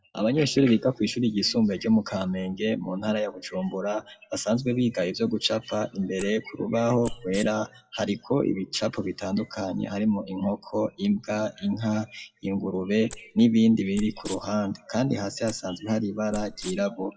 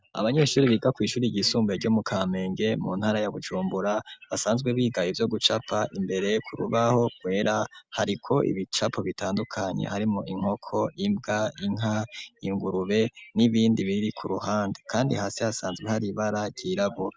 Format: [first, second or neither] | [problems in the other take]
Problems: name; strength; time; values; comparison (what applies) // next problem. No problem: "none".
second | noise reduction (classical method WPE with log-MMSE)